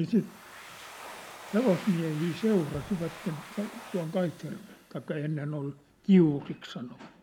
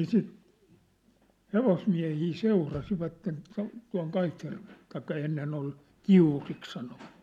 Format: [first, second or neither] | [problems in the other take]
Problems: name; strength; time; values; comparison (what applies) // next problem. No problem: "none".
second | background sound (Domestic sounds, home sounds); 18 dB below the speech